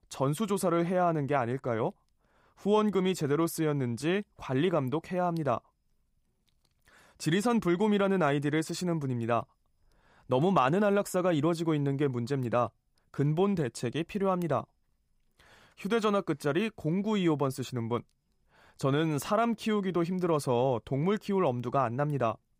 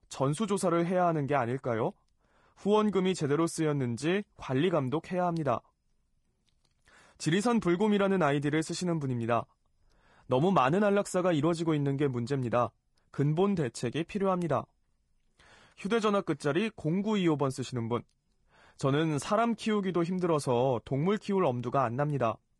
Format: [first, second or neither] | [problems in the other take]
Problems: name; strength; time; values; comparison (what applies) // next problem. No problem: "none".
first | garbled, watery; slightly; nothing above 10.5 kHz